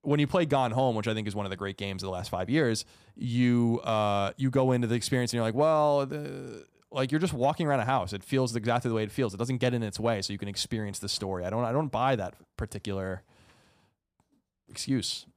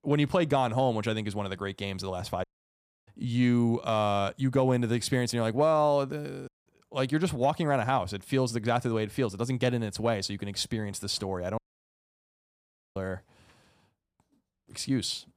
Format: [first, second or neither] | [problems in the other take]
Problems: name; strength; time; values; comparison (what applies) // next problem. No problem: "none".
first | audio cutting out; at 2.5 s for 0.5 s, at 6.5 s and at 12 s for 1.5 s